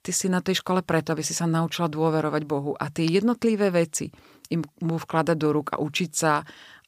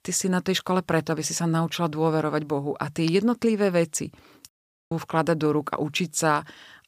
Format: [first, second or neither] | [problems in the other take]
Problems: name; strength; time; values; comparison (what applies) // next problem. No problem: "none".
first | audio cutting out; at 4.5 s